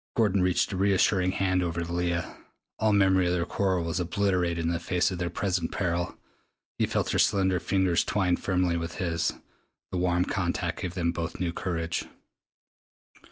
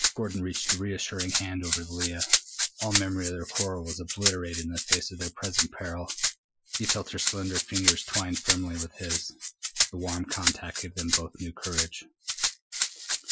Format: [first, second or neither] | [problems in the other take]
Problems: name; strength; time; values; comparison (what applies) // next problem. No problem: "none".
first | noise reduction (classical method Wiener filter)